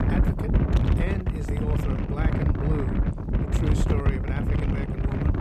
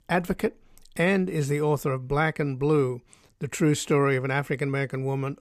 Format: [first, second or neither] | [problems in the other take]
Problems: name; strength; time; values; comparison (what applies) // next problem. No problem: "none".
second | wind noise on the microphone; heavy; 4 dB above the speech